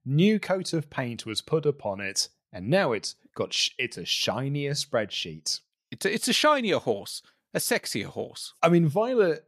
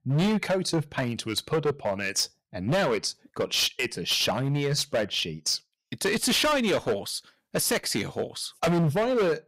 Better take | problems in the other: first | distortion; heavy; 13% of the sound clipped

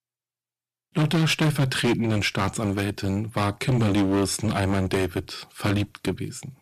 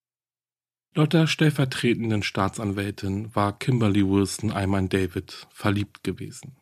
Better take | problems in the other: second | distortion; heavy; 12% of the sound clipped

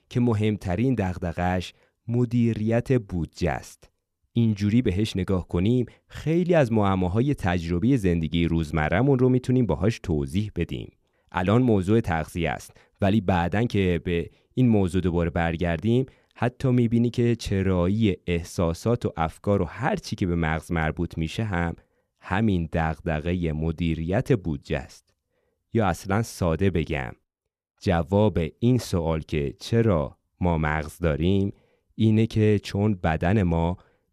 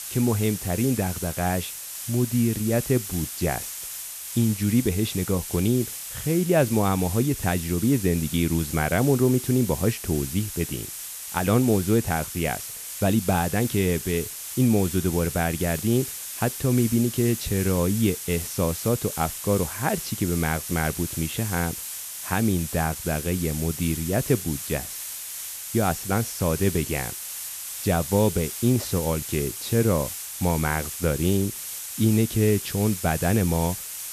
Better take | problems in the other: first | hiss; loud; throughout; 7 dB below the speech

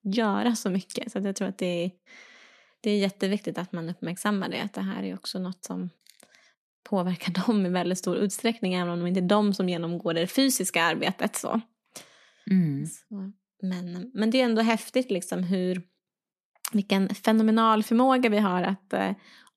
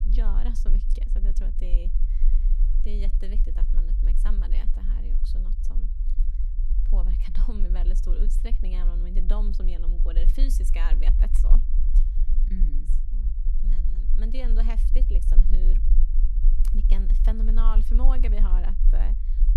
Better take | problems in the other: first | low rumble; loud; throughout; 8 dB below the speech

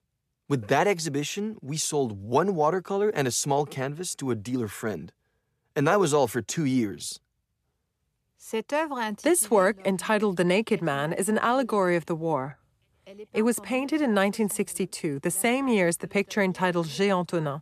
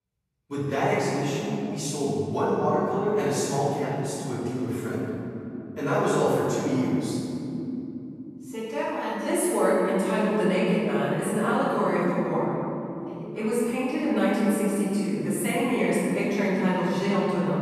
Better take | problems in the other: first | off-mic speech; far // room echo; strong; dies away in 3 s

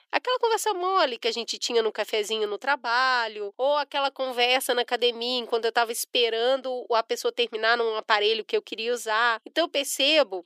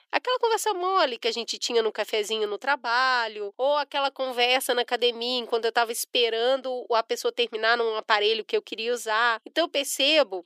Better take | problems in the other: neither | thin; somewhat; fading below 350 Hz; the same in both

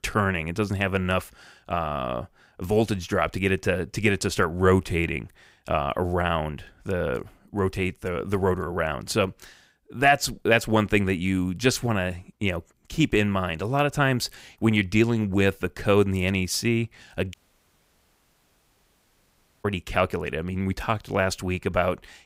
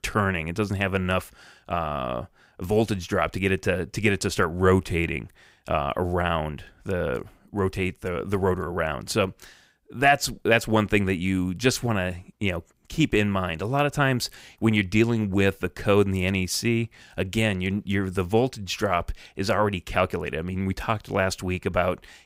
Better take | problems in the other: second | audio cutting out; at 17 s for 2.5 s

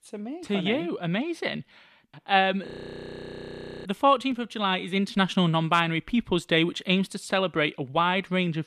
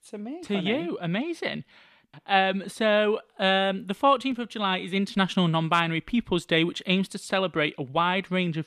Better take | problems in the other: second | audio freezing; at 2.5 s for 1 s

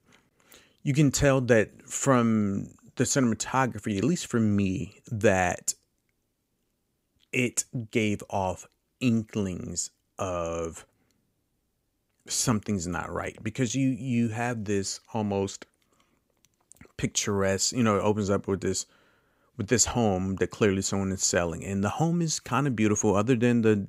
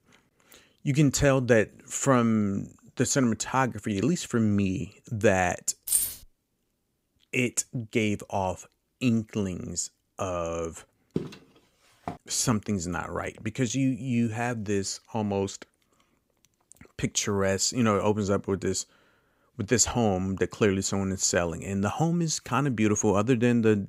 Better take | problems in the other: first | jangling keys; loud; at 6 s; peak 2 dB above the speech // footsteps; noticeable; at 11 s; peak 9 dB below the speech

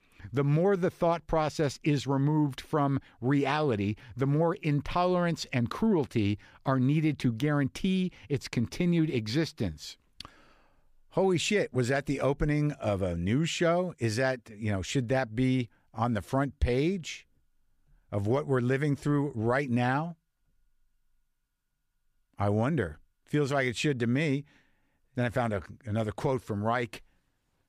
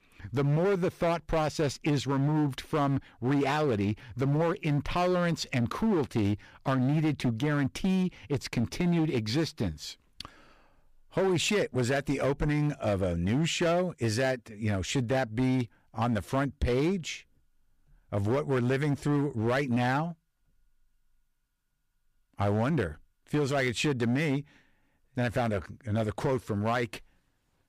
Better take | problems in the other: first | distortion; slight; 10% of the sound clipped

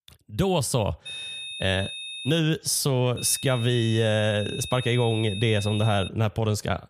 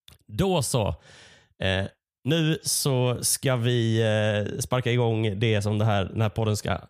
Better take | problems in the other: second | high-pitched whine; loud; from 1 to 2.5 s and from 3 to 6 s; 3.5 kHz, 10 dB below the speech

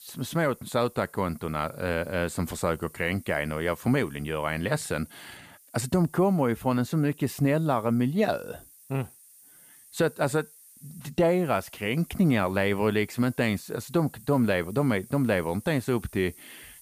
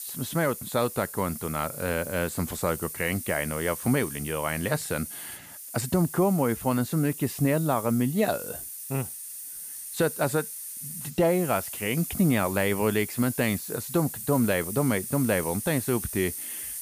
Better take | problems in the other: first | hiss; loud; throughout; 8 dB below the speech; faint in the first

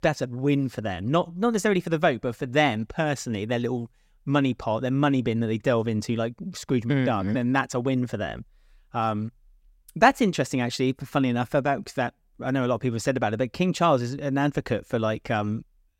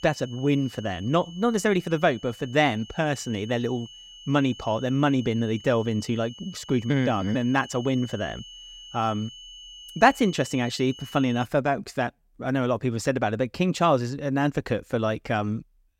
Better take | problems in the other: first | high-pitched whine; noticeable; until 11 s; 3 kHz, 15 dB below the speech

